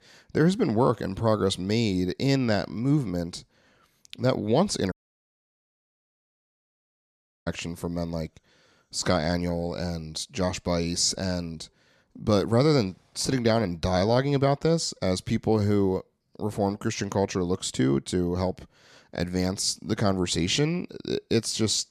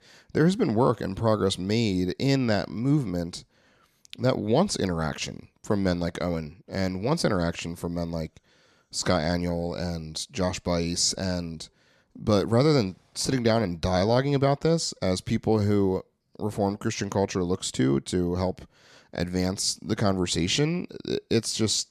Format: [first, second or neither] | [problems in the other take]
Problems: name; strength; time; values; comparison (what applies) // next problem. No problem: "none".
second | audio cutting out; at 5 s for 2.5 s